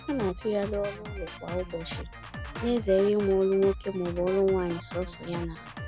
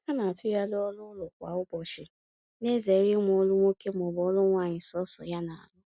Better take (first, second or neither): second